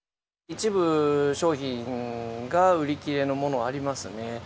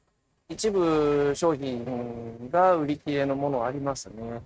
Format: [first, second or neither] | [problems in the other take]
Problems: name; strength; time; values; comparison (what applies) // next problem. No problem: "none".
first | noise reduction (neural mask model RNNoise)